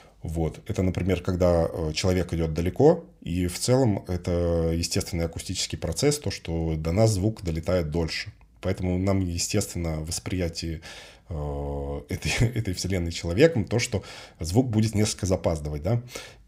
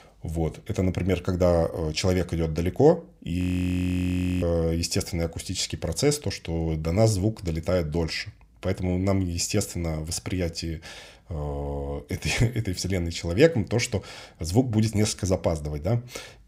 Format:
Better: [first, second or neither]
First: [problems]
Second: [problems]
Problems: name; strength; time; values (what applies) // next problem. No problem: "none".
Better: first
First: none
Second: audio freezing; at 3.5 s for 1 s